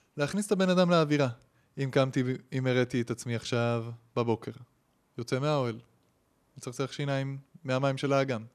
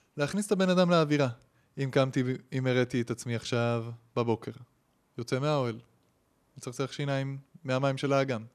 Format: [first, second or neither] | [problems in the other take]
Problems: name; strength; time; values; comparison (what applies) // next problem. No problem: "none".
neither | none